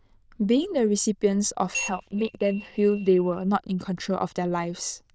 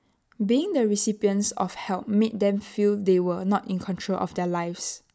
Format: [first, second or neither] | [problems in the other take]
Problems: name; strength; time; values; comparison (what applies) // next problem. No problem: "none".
second | noise reduction (neural diffusion model UNIVERSE++)